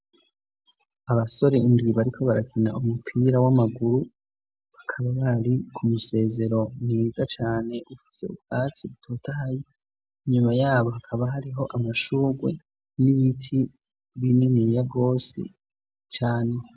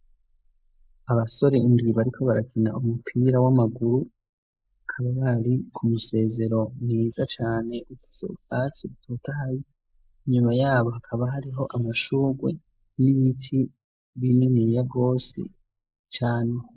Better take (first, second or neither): first